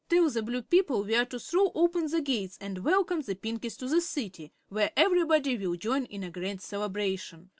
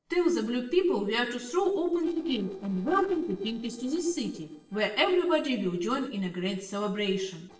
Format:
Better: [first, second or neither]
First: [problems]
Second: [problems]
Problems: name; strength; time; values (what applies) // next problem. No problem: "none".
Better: first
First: none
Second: noise reduction (neural separator model SepFormer DNS4)